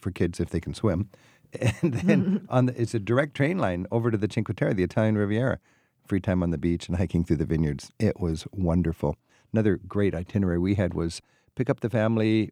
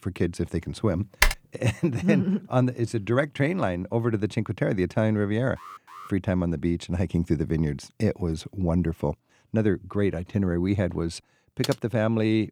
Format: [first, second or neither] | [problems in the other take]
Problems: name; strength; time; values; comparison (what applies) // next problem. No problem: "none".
first | keyboard typing; loud; at 1 s; peak 3 dB above the speech // alarm; faint; at 5.5 s; peak 15 dB below the speech // keyboard typing; noticeable; at 12 s; peak 9 dB below the speech